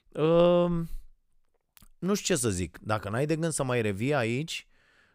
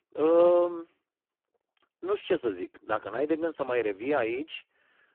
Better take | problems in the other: first | phone-call audio; poor line

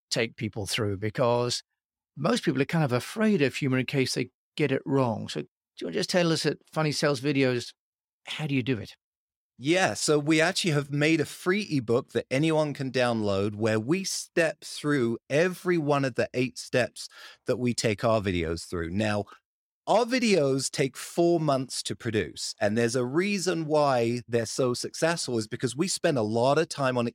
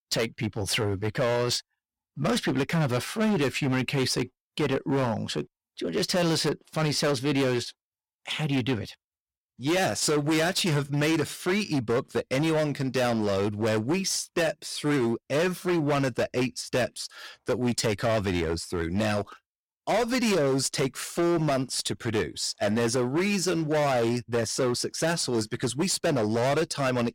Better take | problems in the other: first | distortion; heavy; 17% of the sound clipped

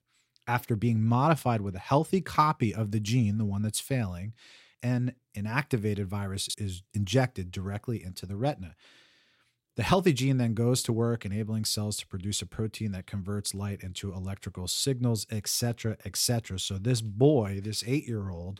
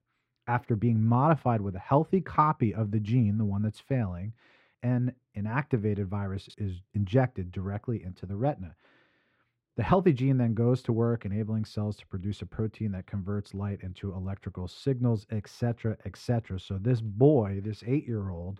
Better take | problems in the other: first | muffled; very; fading above 3.5 kHz

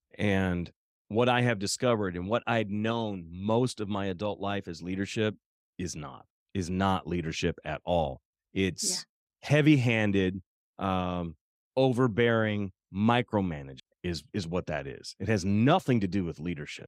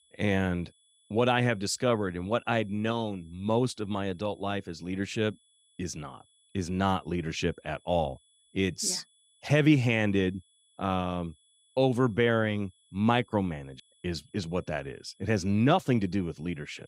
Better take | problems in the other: first | high-pitched whine; faint; throughout; 3.5 kHz, 35 dB below the speech

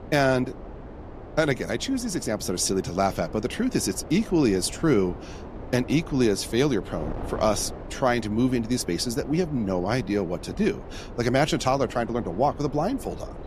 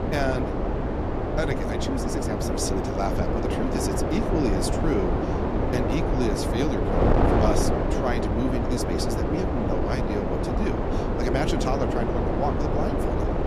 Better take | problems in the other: first | wind noise on the microphone; heavy; 3 dB above the speech; occasional gusts in the first

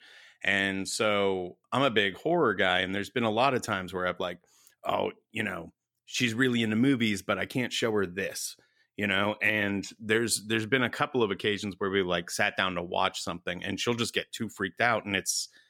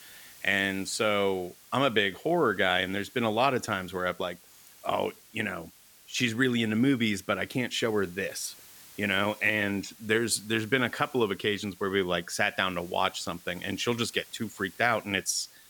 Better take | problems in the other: first | hiss; faint; throughout; 20 dB below the speech

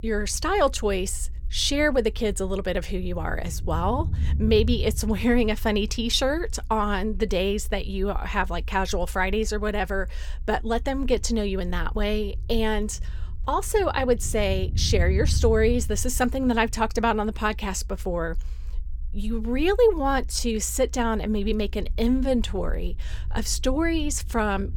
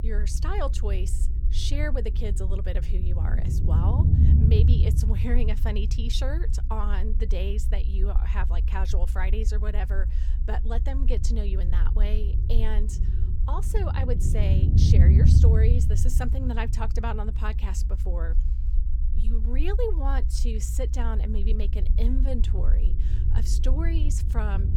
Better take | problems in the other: first | low rumble; loud; throughout; 5 dB below the speech; faint in the first

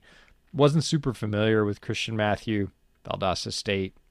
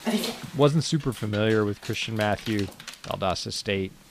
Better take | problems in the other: first | dog barking; noticeable; until 3.5 s; peak 1 dB below the speech

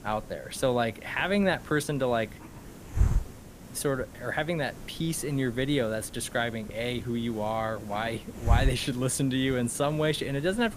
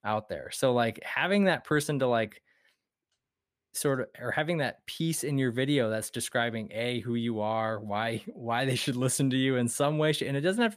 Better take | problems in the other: second | hiss; loud; throughout; 8 dB below the speech

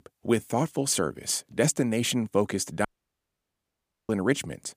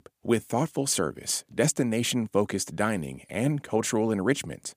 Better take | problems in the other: second | audio cutting out; at 3 s for 1 s

